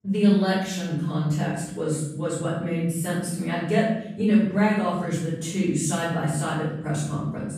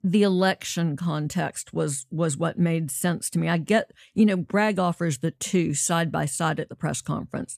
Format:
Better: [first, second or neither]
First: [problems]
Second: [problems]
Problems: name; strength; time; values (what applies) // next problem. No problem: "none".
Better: second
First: off-mic speech; far // room echo; noticeable; dies away in 0.9 s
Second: none